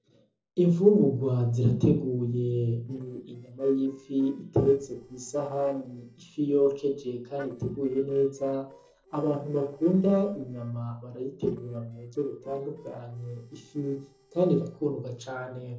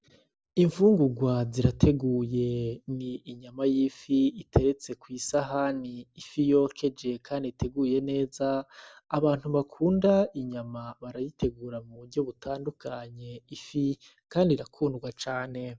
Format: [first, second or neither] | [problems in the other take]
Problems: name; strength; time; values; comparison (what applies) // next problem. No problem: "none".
second | noise reduction (neural separator model SepFormer DNS4)